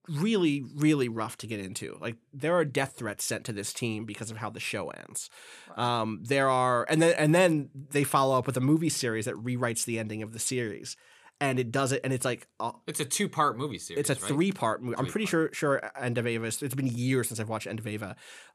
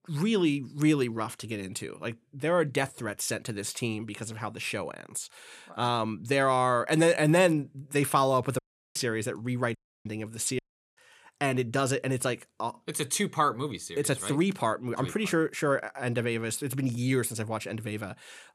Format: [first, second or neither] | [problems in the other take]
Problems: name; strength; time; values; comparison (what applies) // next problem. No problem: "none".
first | audio cutting out; at 8.5 s, at 10 s and at 11 s